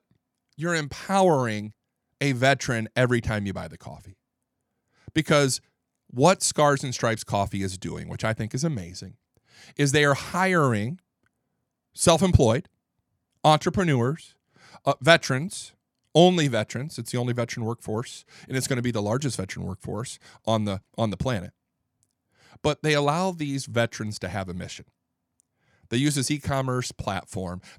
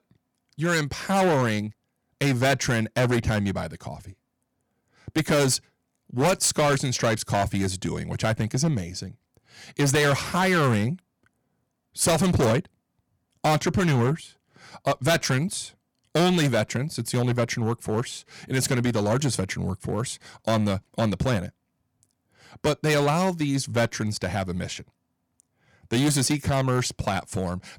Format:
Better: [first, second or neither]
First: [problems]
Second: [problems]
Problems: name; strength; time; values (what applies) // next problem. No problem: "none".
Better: first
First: none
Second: distortion; heavy; 9% of the sound clipped